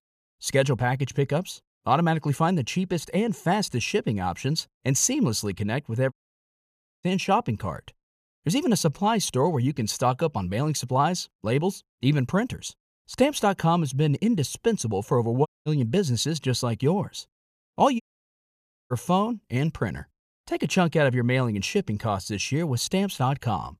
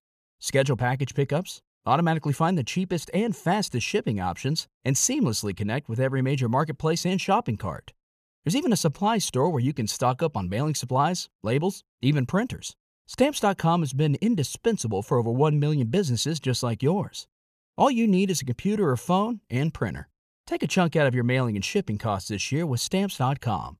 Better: second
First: audio cutting out; at 6 s for 1 s, at 15 s and at 18 s for 1 s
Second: none

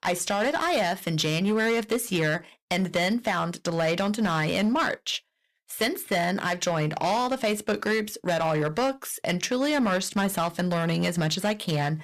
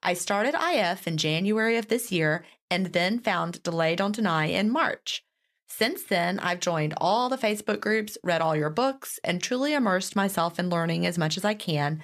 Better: second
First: distortion; slight; 9% of the sound clipped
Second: none

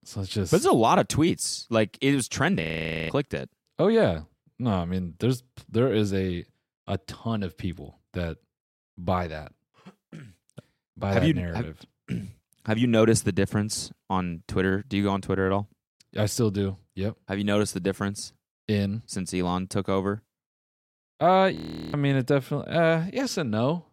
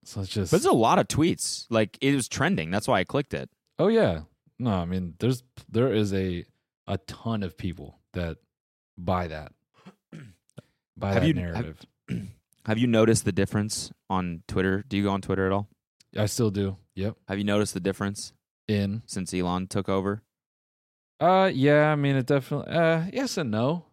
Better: second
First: audio freezing; at 2.5 s and at 22 s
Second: none

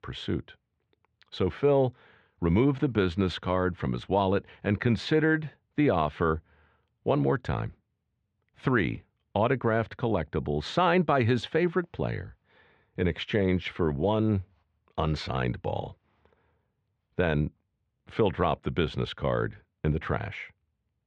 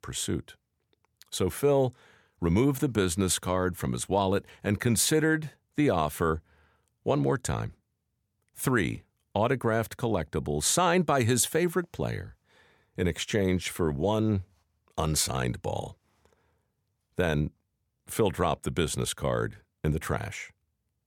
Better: second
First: muffled; very; fading above 3.5 kHz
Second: none

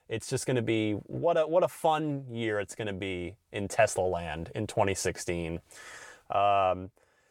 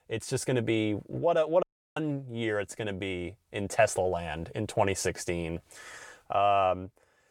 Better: first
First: none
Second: audio cutting out; at 1.5 s

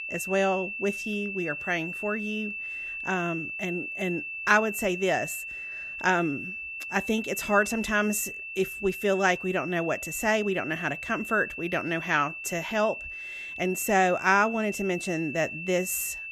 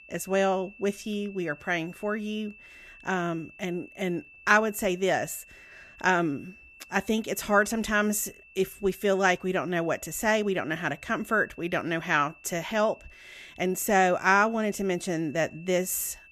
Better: second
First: high-pitched whine; loud; throughout; 2.5 kHz, 7 dB below the speech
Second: high-pitched whine; faint; throughout; 2.5 kHz, 25 dB below the speech

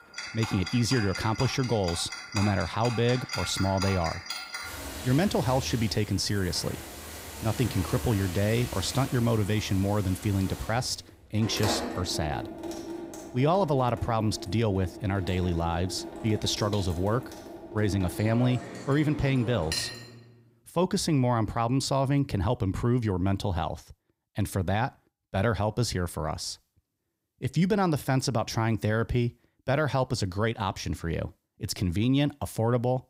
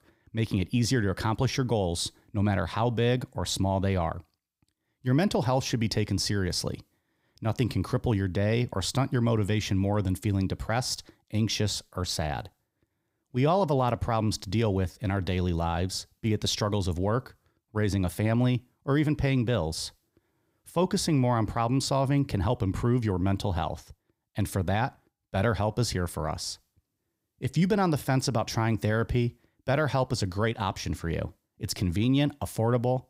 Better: second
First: household noises; loud; until 20 s; 9 dB below the speech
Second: none

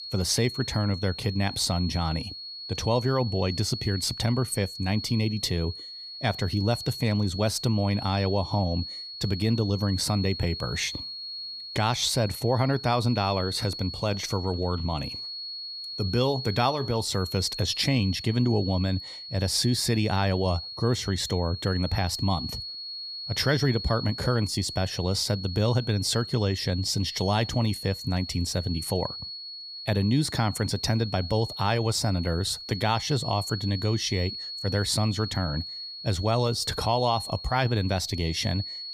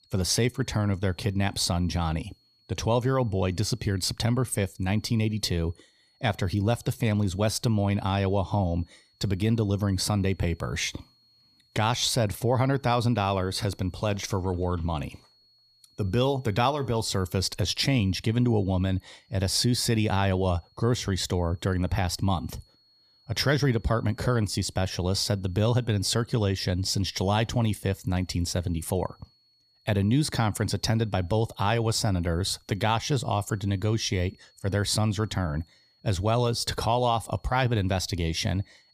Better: second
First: high-pitched whine; loud; throughout; 4.5 kHz, 8 dB below the speech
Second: high-pitched whine; faint; throughout; 4.5 kHz, 35 dB below the speech

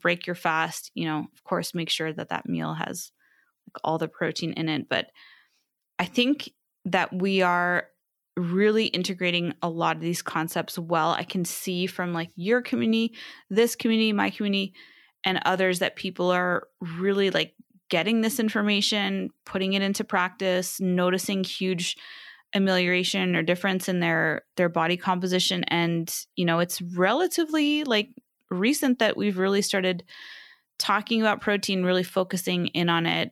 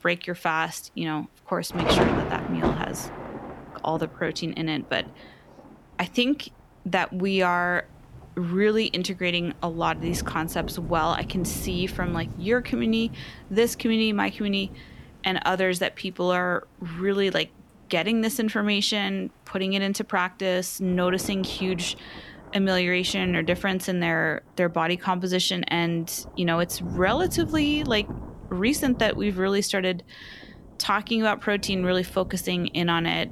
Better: first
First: none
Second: rain or running water; loud; throughout; 9 dB below the speech

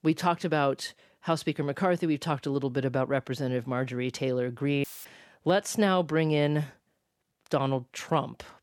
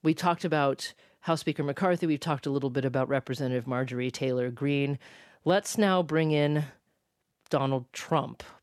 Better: second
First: audio cutting out; filled with static; at 5 s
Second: none

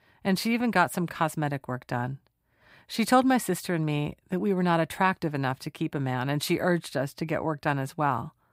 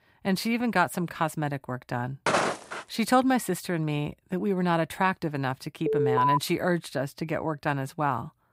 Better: first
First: none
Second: footsteps; loud; at 2.5 s; peak 3 dB above the speech // alarm; loud; at 6 s; peak 4 dB above the speech

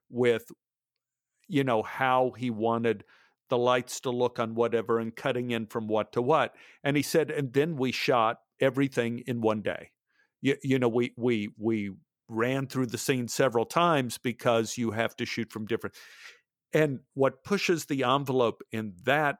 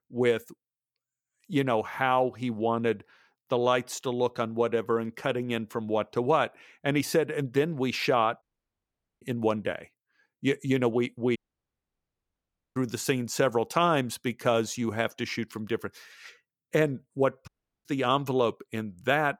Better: first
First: none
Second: audio cutting out; at 8.5 s for 1 s, at 11 s for 1.5 s and at 17 s

